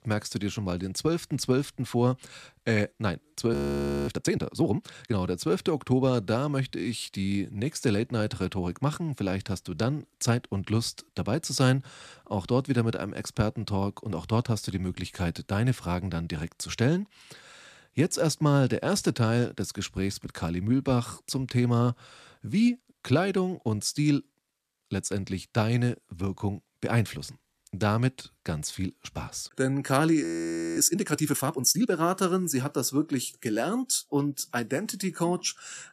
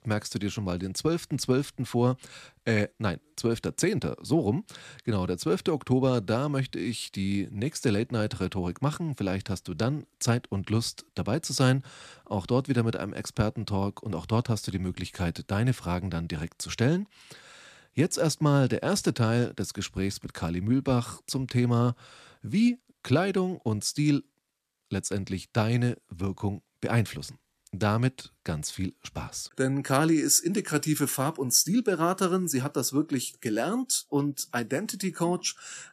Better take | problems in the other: second | audio freezing; at 3.5 s for 0.5 s and at 30 s for 0.5 s

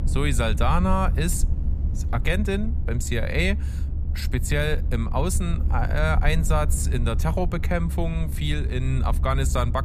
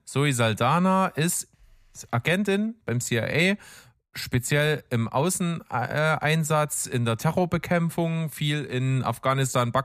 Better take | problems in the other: second | low rumble; noticeable; throughout; 15 dB below the speech

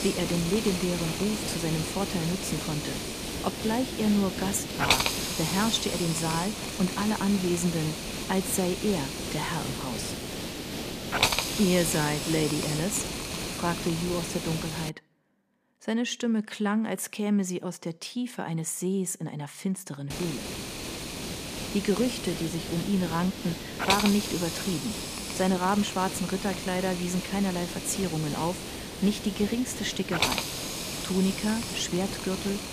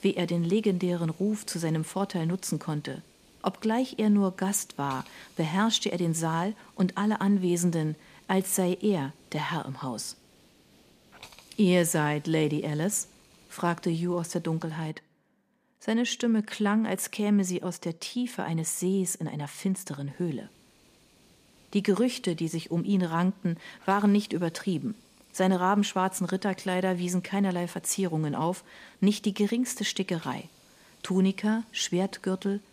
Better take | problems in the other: second | hiss; loud; until 15 s and from 20 s on; 2 dB below the speech; faint in the second

